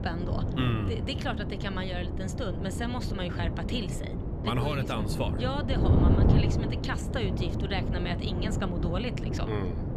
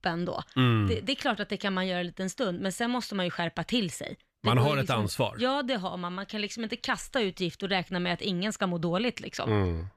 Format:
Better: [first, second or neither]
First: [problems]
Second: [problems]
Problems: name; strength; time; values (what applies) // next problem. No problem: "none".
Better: second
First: wind noise on the microphone; heavy; 3 dB below the speech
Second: none